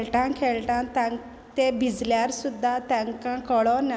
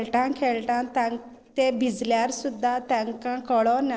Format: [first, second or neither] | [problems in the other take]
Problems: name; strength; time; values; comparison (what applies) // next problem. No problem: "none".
first | noise reduction (neural separator model SepFormer DNS4)